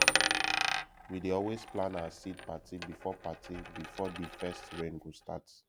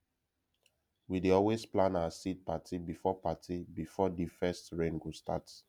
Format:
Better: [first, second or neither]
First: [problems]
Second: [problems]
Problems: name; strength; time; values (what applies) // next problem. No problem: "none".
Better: second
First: background sound (Coin (dropping)); 3 dB above the speech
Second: none